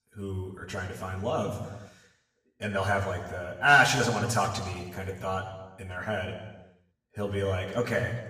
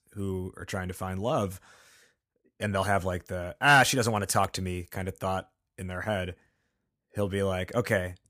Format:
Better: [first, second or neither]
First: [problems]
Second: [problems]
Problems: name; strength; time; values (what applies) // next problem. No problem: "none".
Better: second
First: room echo; noticeable; dies away in 1 s // off-mic speech; far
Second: none